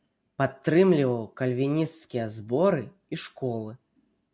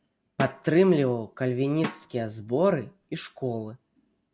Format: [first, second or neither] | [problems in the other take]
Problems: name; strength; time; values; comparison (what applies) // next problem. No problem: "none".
first | background sound (Drum); 14 dB below the speech